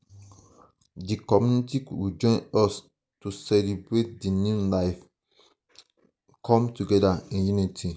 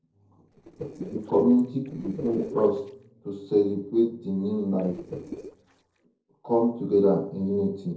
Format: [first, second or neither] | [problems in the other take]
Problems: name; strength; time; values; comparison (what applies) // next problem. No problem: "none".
first | noise reduction (neural separator model SepFormer DNS4)